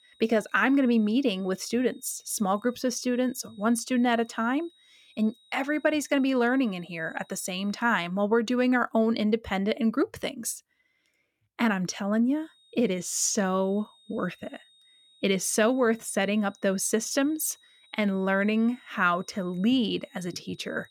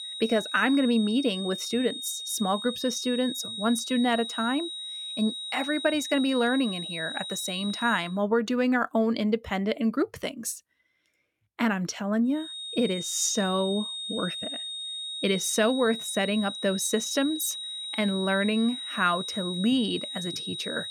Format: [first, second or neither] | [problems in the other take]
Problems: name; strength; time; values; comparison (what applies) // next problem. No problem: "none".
first | high-pitched whine; loud; until 8 s and from 12 s on; 4 kHz, 6 dB below the speech; faint in the first